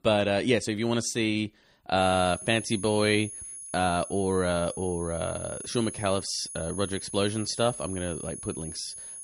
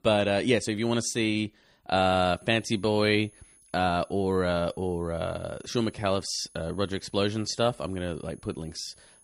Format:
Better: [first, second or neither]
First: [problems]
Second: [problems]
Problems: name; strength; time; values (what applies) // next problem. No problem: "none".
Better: second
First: high-pitched whine; loud; from 2 s on; 10.5 kHz, 10 dB below the speech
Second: high-pitched whine; faint; from 2 s on; 10.5 kHz, 25 dB below the speech